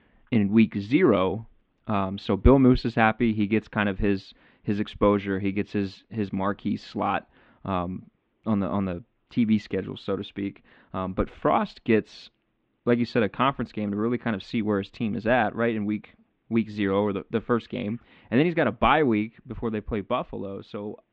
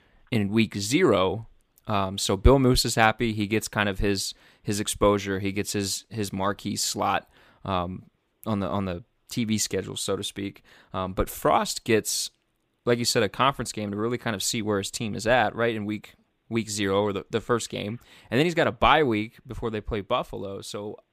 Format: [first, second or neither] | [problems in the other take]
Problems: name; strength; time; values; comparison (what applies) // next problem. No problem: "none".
second | muffled; very; fading above 3 kHz